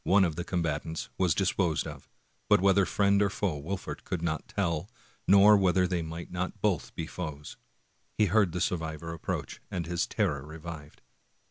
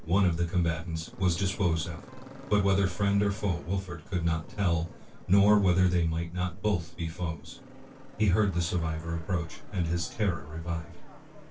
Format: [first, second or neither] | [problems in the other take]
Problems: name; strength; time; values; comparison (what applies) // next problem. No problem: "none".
first | background sound (Motorcycle); 20 dB below the speech // room echo; dies away in 0.1 s